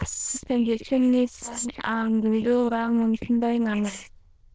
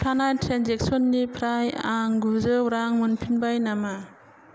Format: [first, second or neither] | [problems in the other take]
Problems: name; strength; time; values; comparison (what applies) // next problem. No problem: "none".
second | noise reduction (neural diffusion model UNIVERSE++)